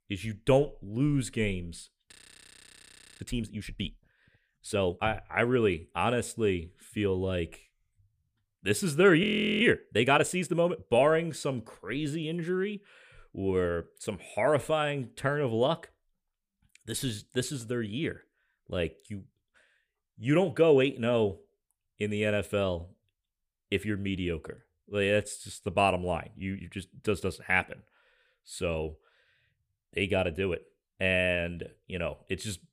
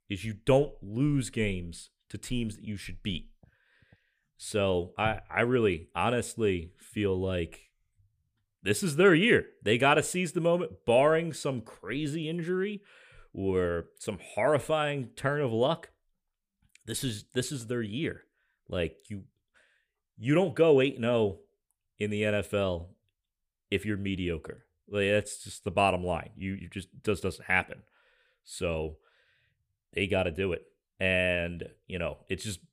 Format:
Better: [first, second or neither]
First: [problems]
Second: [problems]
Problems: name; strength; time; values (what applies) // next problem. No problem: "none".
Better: second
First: audio freezing; at 2 s for 1 s and at 9 s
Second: none